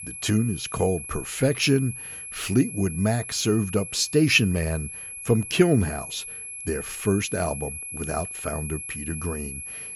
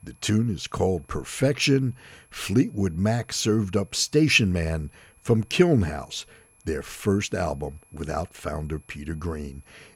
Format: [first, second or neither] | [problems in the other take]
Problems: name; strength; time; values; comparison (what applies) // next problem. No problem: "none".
second | high-pitched whine; loud; throughout; 11 kHz, 9 dB below the speech; faint in the second